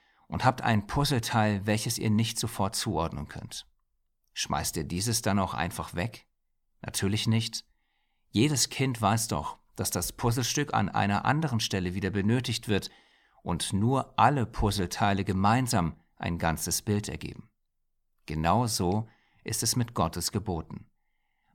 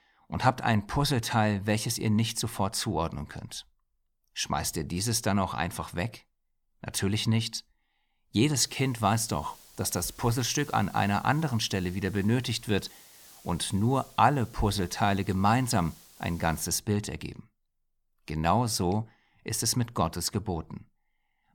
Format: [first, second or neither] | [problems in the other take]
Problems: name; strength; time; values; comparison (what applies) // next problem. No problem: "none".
first | hiss; very faint; from 8.5 to 17 s; 25 dB below the speech